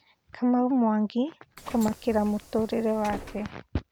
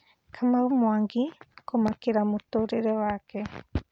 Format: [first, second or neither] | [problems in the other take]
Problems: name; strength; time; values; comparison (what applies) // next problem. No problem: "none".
second | background sound (Bus); 16 dB below the speech